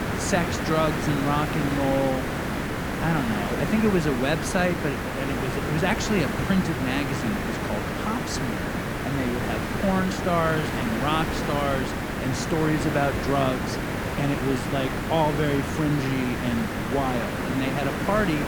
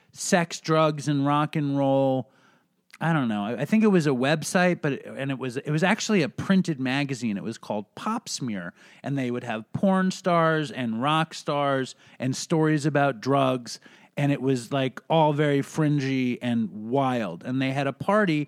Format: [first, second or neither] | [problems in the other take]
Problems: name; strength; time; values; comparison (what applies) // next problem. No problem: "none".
second | hiss; loud; throughout; 1 dB below the speech